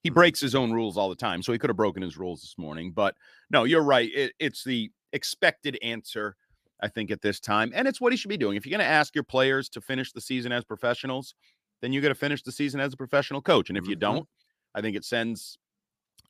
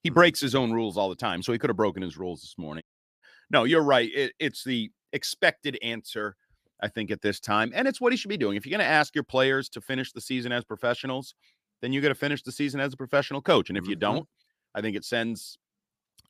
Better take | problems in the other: first | audio cutting out; at 3 s

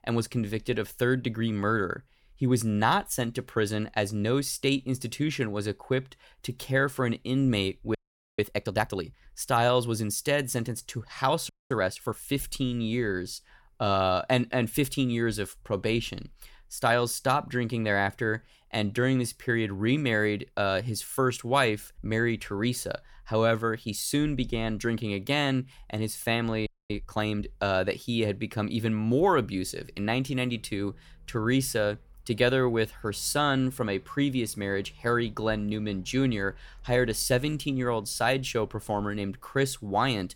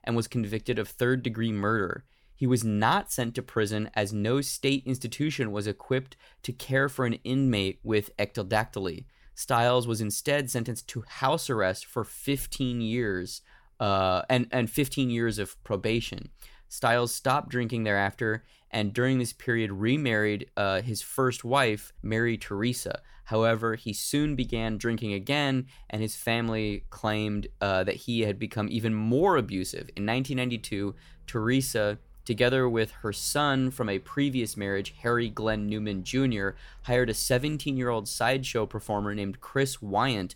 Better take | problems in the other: second | audio freezing; at 8 s, at 11 s and at 27 s

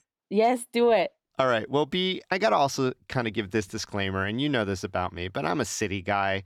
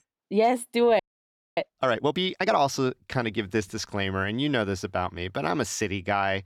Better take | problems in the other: first | audio freezing; at 1 s for 0.5 s

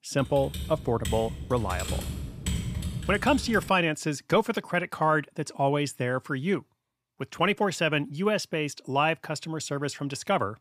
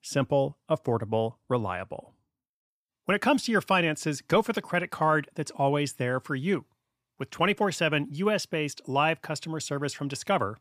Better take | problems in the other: second | keyboard typing; noticeable; until 3.5 s; peak 4 dB below the speech

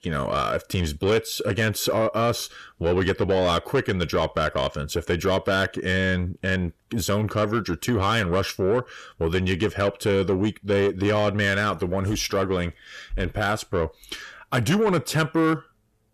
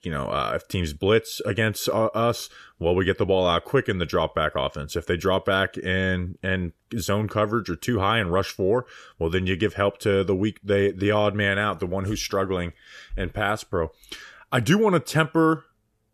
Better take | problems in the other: second | distortion; slight; 10 dB below the speech

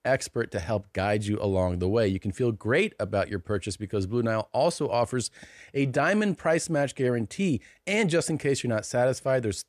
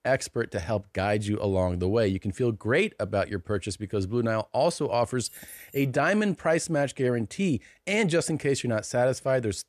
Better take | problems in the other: first | jangling keys; faint; at 5 s; peak 15 dB below the speech

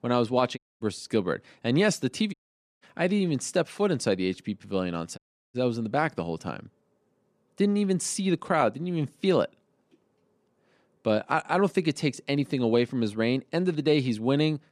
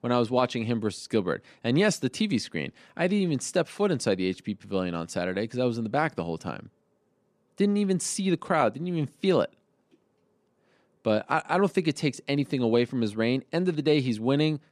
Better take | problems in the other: second | audio cutting out; at 0.5 s, at 2.5 s and at 5 s

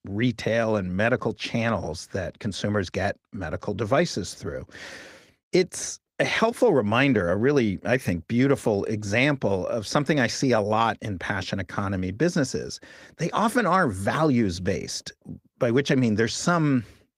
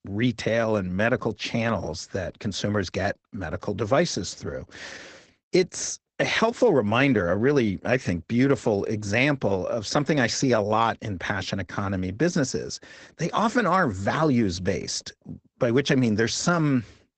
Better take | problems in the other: first | garbled, watery; badly; nothing above 7.5 kHz; slightly in the first

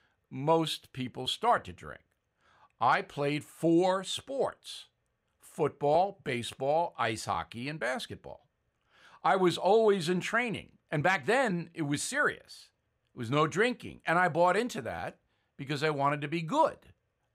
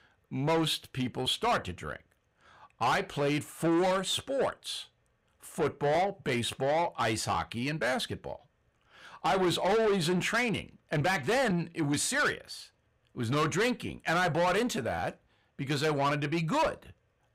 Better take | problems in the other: first | distortion; heavy; 7 dB below the speech

